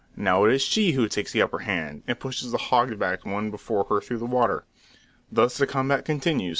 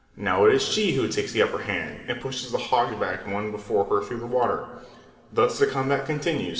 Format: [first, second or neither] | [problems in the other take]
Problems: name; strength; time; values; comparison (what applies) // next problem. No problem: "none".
first | room echo; dies away in 2.5 s